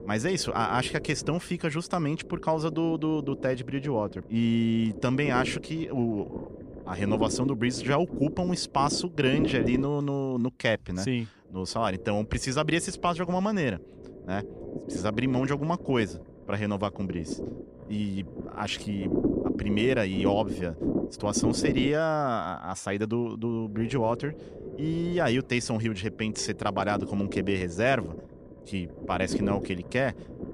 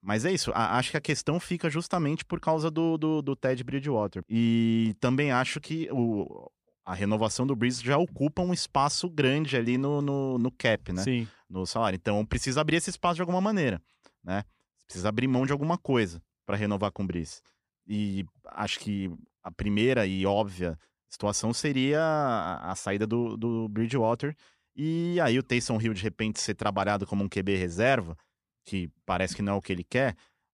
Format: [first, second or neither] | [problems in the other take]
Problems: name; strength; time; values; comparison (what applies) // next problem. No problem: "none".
second | low rumble; loud; throughout; 9 dB below the speech